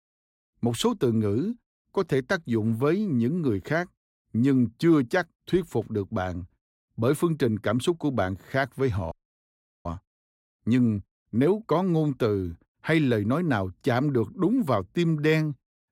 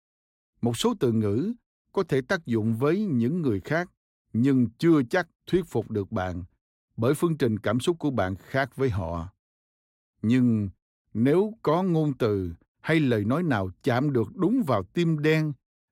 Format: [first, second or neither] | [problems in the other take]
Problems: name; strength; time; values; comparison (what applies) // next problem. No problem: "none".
second | audio freezing; at 9 s for 0.5 s